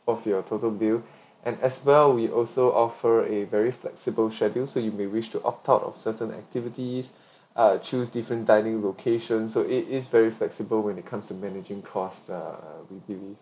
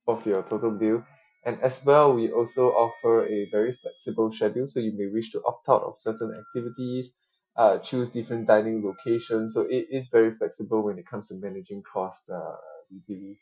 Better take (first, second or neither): first